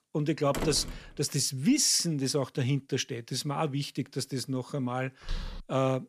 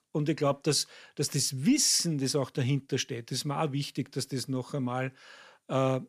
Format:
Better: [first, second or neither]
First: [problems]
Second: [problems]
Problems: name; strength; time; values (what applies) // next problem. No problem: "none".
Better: second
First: door banging; noticeable; at 0.5 s; peak 6 dB below the speech // footsteps; faint; at 5.5 s; peak 10 dB below the speech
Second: none